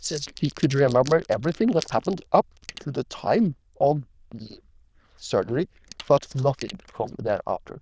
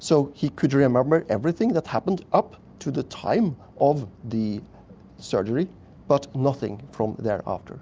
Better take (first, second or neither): second